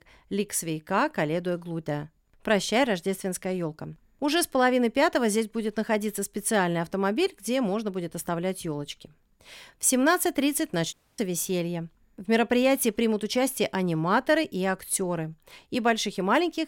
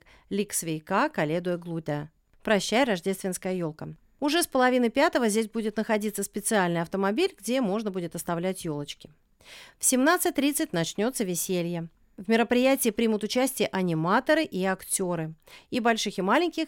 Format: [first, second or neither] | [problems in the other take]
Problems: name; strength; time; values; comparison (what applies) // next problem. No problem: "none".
second | audio cutting out; at 11 s